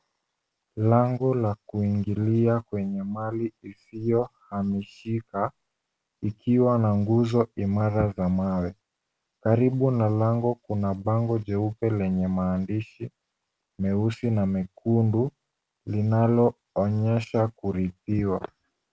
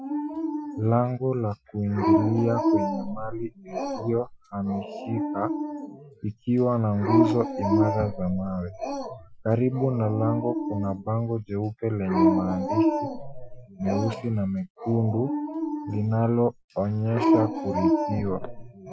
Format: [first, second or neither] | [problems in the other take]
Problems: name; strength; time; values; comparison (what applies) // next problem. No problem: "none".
first | noise reduction (classical method Wiener filter)